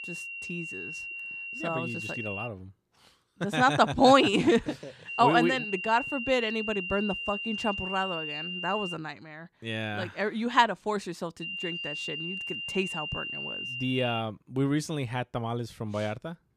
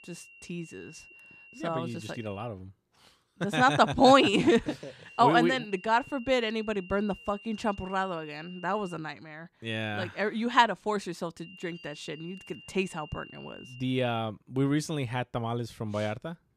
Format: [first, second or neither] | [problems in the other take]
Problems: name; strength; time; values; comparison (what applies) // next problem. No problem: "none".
second | high-pitched whine; loud; until 2.5 s, from 5 to 9 s and from 11 to 14 s; 3 kHz, 6 dB below the speech; faint in the second